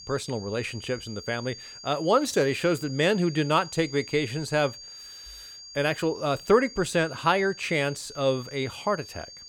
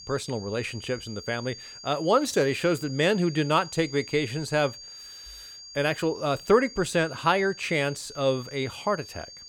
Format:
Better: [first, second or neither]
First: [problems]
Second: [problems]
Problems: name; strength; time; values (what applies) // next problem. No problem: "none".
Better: neither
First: high-pitched whine; noticeable; throughout; 4.5 kHz, 15 dB below the speech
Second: high-pitched whine; noticeable; throughout; 4.5 kHz, 15 dB below the speech